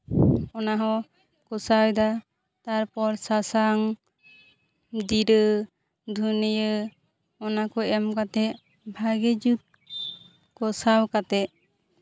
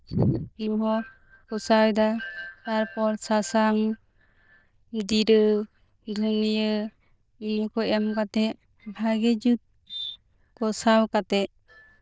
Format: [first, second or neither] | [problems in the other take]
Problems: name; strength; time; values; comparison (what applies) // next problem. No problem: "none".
first | noise reduction (neural diffusion model UNIVERSE++)